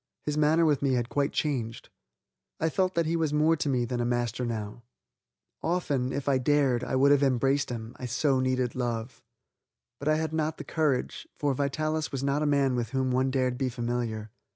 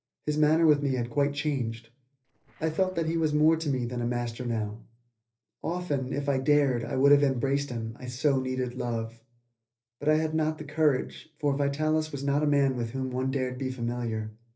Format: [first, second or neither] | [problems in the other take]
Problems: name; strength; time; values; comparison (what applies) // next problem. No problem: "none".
first | noise reduction (neural separator model SepFormer DNS4)